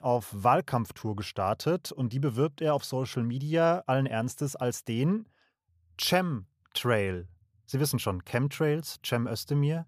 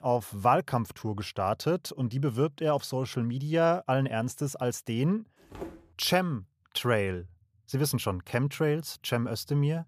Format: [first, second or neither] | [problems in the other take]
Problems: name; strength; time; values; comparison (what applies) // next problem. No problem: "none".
first | footsteps; faint; at 5.5 s; peak 15 dB below the speech